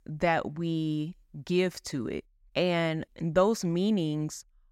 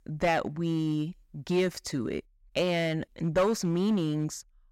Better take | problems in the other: first | distortion; slight; 5% of the sound clipped

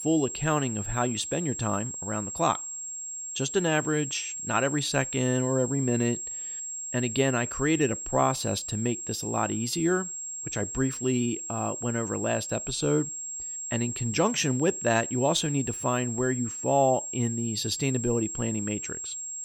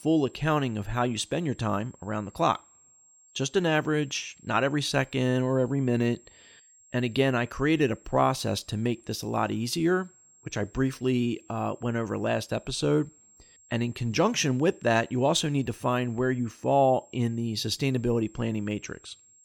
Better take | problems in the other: second | high-pitched whine; loud; throughout; 7.5 kHz, 5 dB below the speech; faint in the second

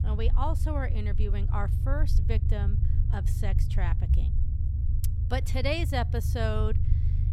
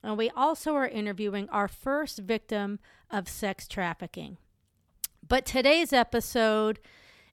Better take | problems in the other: second | low rumble; loud; throughout; 10 dB below the speech

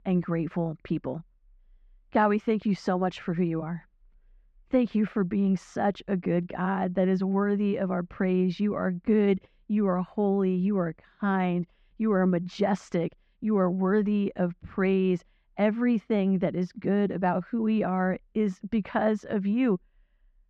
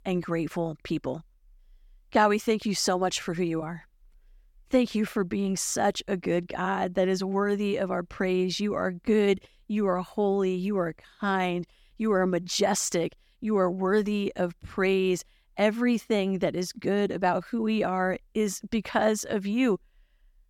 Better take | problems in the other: second | muffled; very; fading above 2 kHz

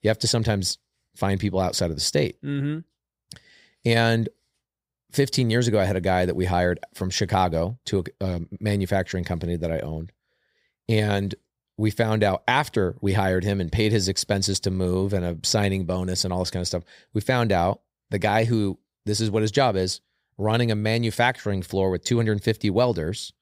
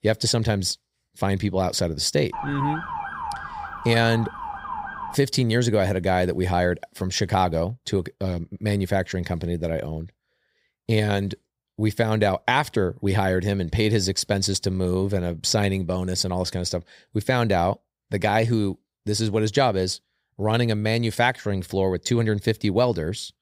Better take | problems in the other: first | siren; noticeable; from 2.5 to 5 s; peak 5 dB below the speech

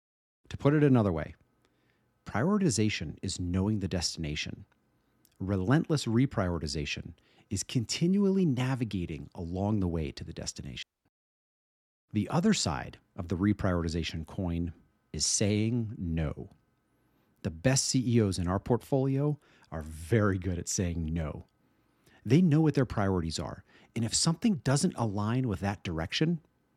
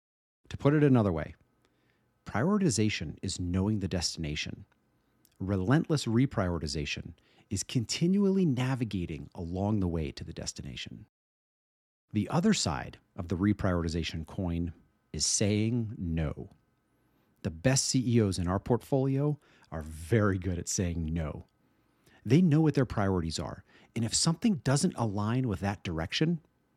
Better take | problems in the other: second | audio cutting out; at 11 s

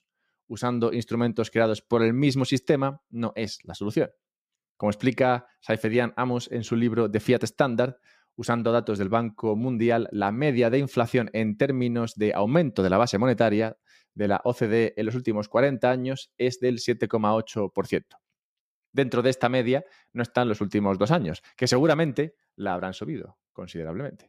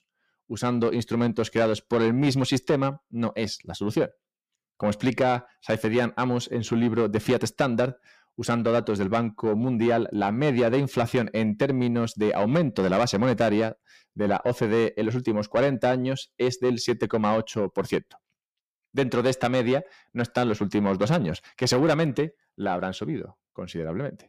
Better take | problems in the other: first | distortion; slight; 10 dB below the speech

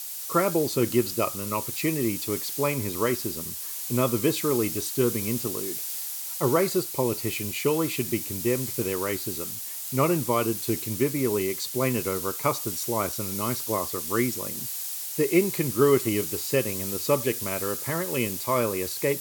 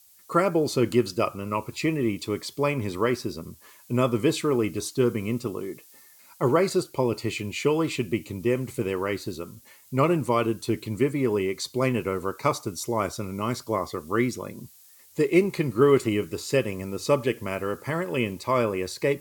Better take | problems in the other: second | hiss; loud; throughout; 3 dB below the speech; faint in the second

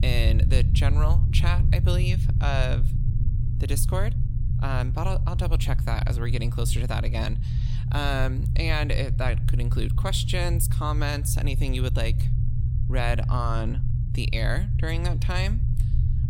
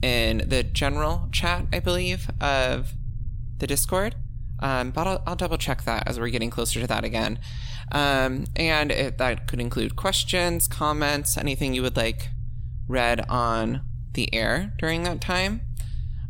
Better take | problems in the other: second | low rumble; loud; throughout; 9 dB below the speech; faint in the second

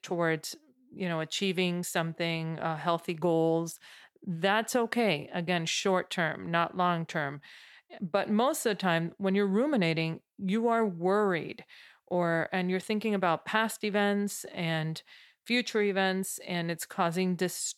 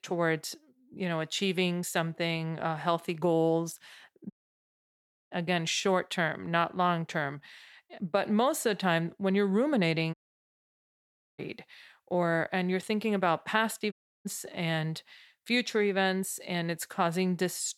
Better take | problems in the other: first | audio cutting out; at 4.5 s for 1 s, at 10 s for 1 s and at 14 s

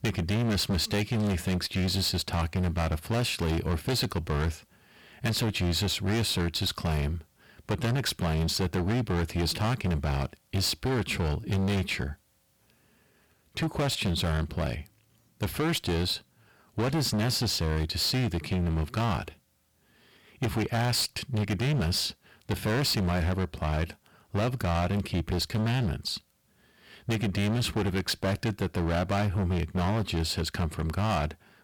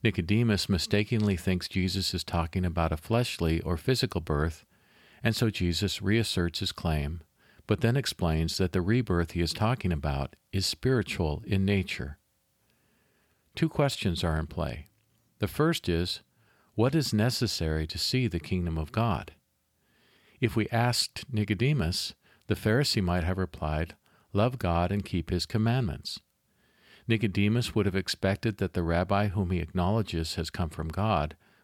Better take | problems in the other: second | distortion; heavy; 21% of the sound clipped

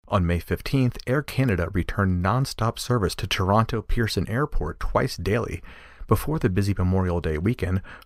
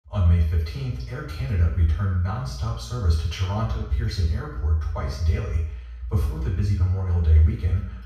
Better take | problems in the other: first | room echo; noticeable; dies away in 0.6 s // off-mic speech; far

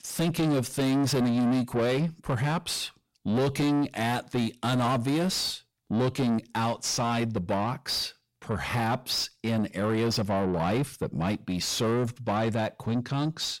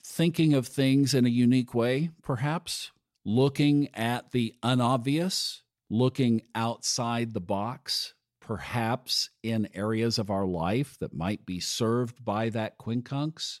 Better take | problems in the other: second | distortion; heavy; 7 dB below the speech

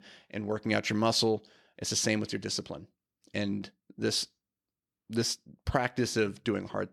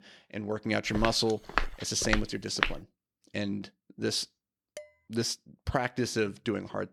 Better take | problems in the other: first | footsteps; loud; from 1 to 3 s; peak 1 dB above the speech // clattering dishes; faint; at 5 s; peak 15 dB below the speech

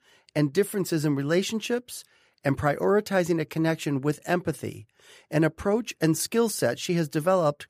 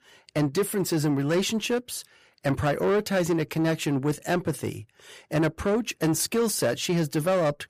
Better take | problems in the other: first | distortion; slight; 10 dB below the speech

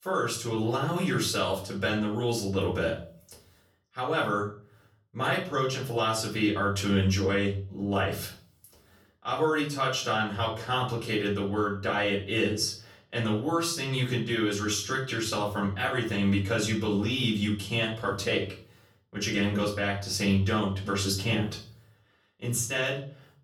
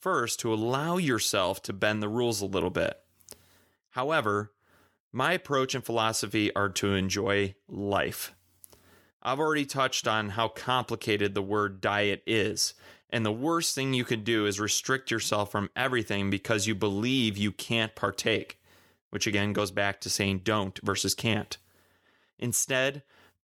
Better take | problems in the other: second | off-mic speech; far // room echo; slight; dies away in 0.4 s

